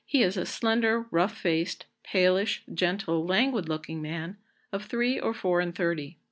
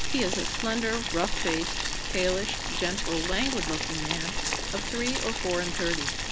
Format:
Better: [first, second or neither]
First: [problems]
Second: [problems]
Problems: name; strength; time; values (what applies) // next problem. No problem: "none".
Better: first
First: none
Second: background sound (Boiling); 1 dB above the speech